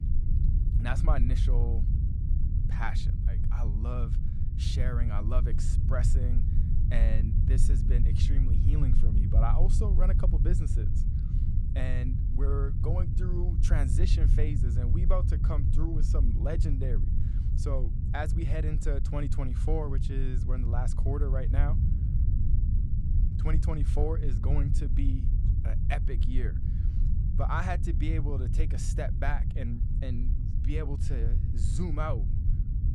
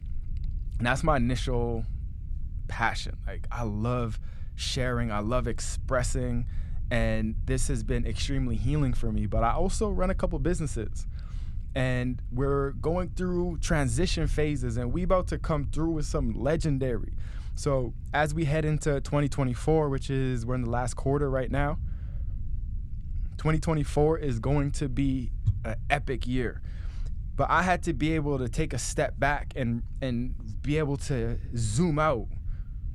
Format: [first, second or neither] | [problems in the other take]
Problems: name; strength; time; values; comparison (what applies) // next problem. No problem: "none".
second | low rumble; loud; throughout; 5 dB below the speech; faint in the second